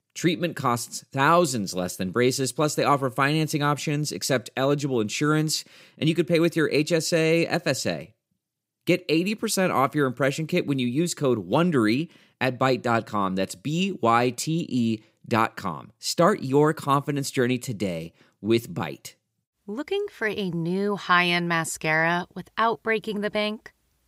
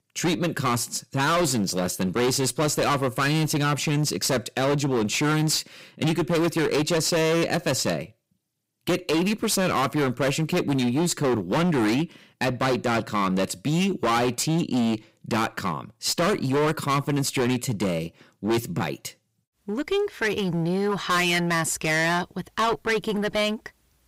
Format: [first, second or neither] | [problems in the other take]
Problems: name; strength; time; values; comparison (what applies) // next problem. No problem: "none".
first | distortion; heavy; 21% of the sound clipped